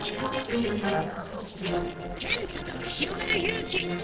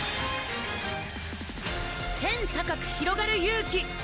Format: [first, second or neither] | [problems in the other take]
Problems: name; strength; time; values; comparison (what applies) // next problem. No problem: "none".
second | noise reduction (neural separator model SepFormer DNS4)